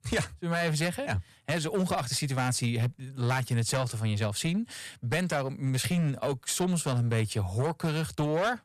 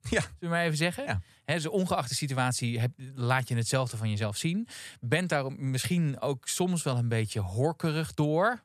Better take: second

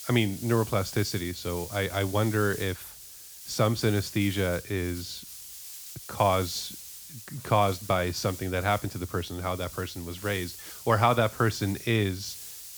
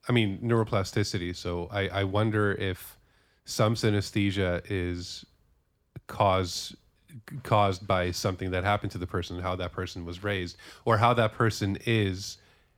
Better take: second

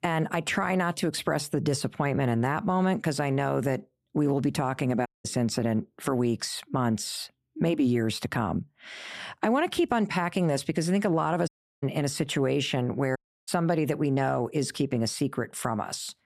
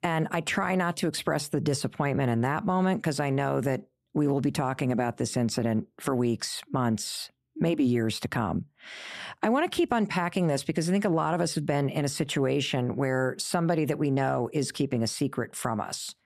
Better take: second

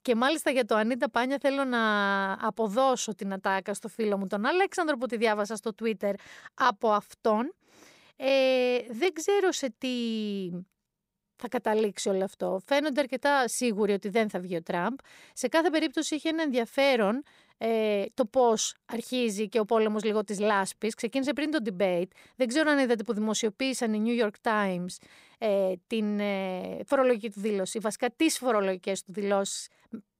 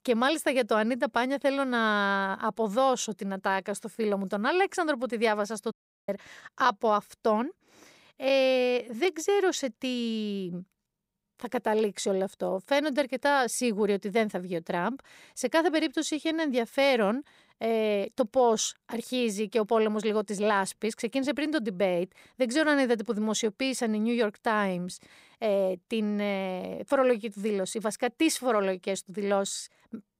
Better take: first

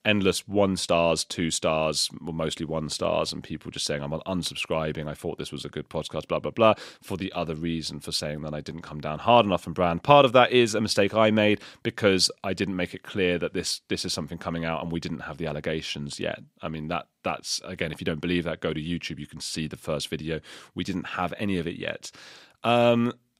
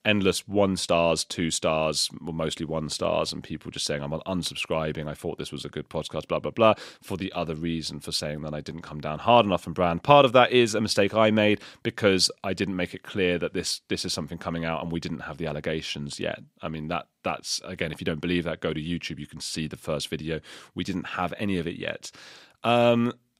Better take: neither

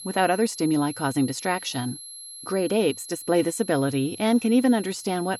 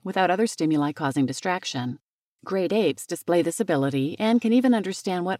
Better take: second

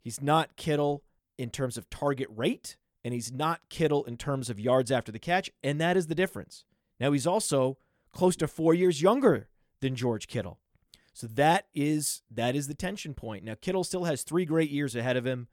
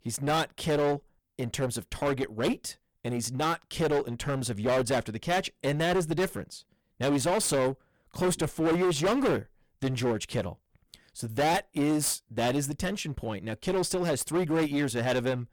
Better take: first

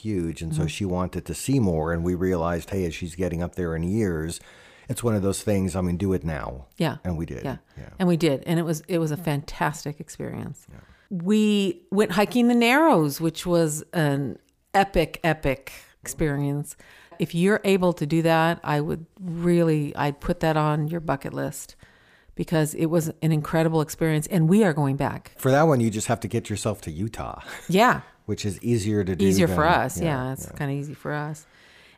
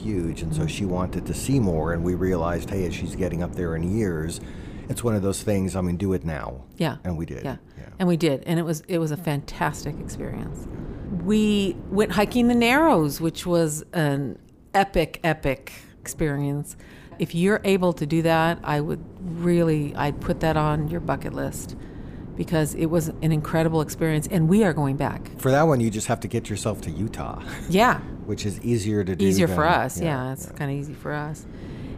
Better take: first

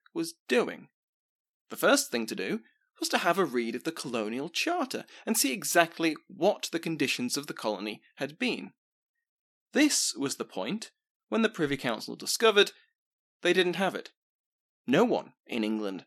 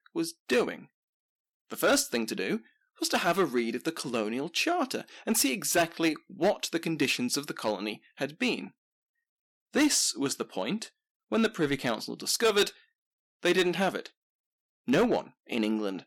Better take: first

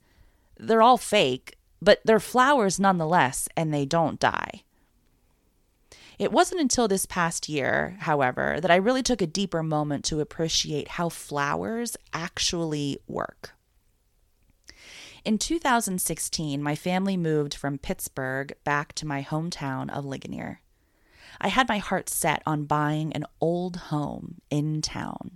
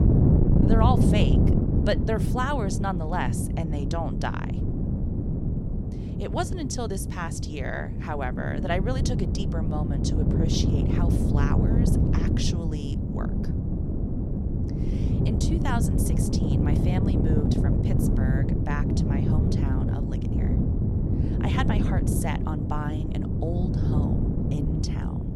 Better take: first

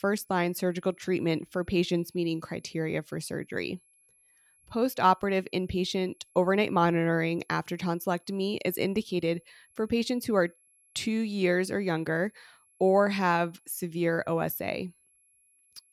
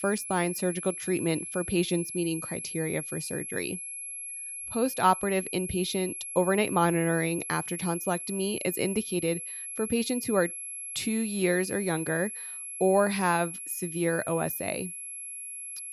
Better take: first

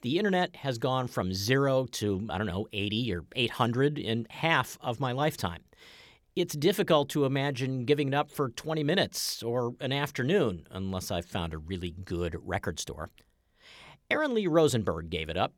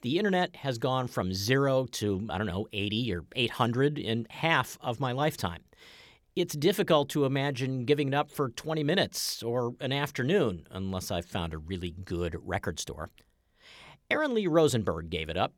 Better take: neither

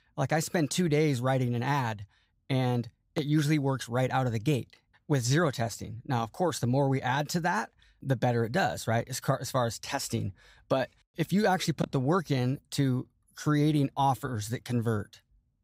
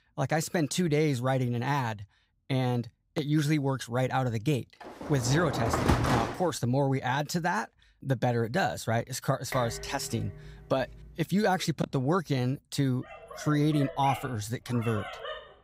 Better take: first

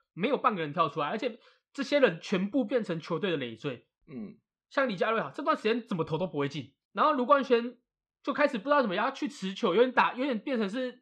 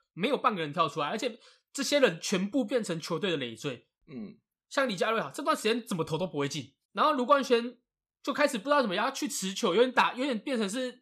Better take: second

